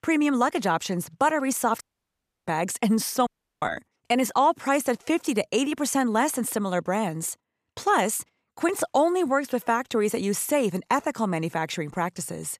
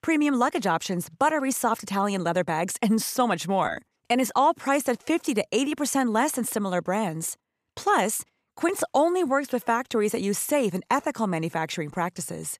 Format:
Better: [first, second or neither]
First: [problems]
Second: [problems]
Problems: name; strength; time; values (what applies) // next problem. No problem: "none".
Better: second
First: audio cutting out; at 2 s for 0.5 s and at 3.5 s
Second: none